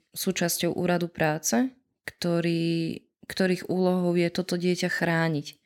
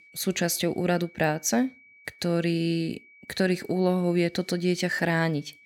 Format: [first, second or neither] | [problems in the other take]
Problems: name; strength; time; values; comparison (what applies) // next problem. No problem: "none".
first | high-pitched whine; faint; throughout; 2.5 kHz, 25 dB below the speech